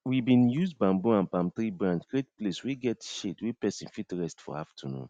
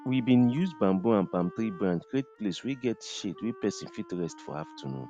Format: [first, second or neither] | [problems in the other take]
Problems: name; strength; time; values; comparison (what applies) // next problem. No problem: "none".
first | background sound (Wind instrument, woodwind instrument); 20 dB below the speech